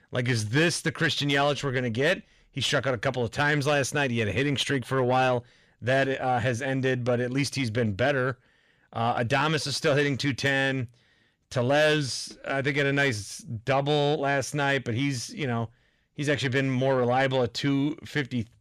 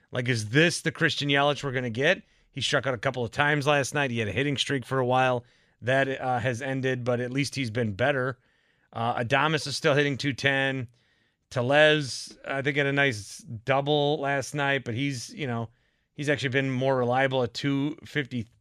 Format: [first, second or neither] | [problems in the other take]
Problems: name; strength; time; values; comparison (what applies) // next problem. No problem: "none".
second | distortion; slight; 10 dB below the speech